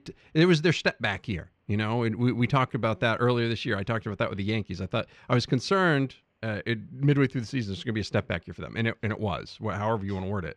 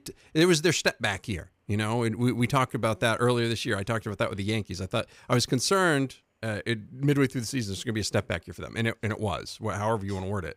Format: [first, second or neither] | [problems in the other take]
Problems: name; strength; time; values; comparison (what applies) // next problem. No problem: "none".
second | muffled; very slightly; fading above 3 kHz